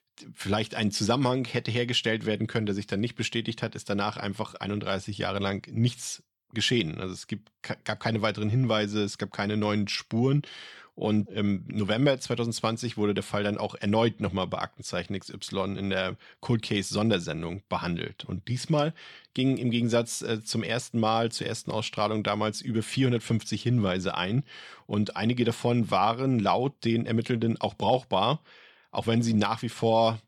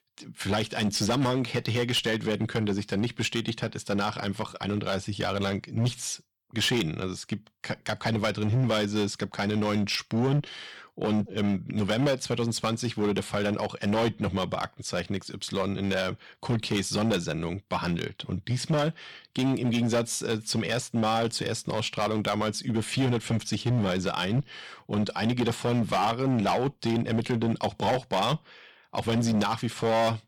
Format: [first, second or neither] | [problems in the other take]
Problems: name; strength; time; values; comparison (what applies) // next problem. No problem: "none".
first | distortion; slight; 10% of the sound clipped